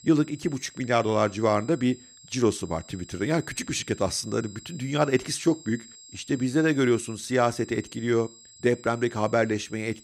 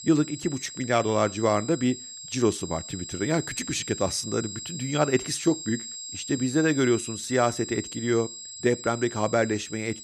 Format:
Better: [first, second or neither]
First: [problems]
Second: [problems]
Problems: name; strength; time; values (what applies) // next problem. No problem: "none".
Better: first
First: high-pitched whine; faint; throughout; 7.5 kHz, 20 dB below the speech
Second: high-pitched whine; loud; throughout; 7.5 kHz, 9 dB below the speech